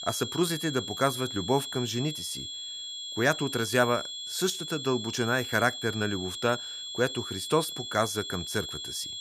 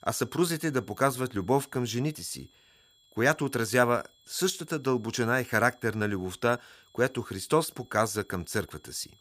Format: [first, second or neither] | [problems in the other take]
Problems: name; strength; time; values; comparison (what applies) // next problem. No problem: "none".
second | high-pitched whine; loud; throughout; 3.5 kHz, 6 dB below the speech; faint in the second